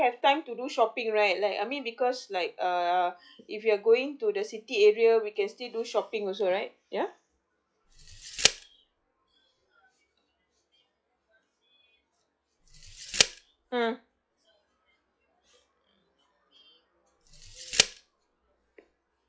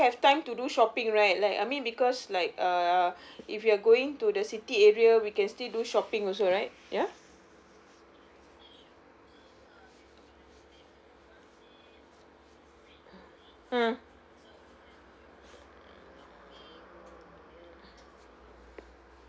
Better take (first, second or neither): second